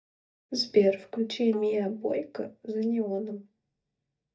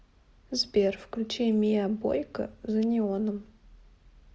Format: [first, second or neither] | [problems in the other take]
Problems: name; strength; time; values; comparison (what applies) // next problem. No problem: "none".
second | noise reduction (neural mask model DeepFilterNet 3)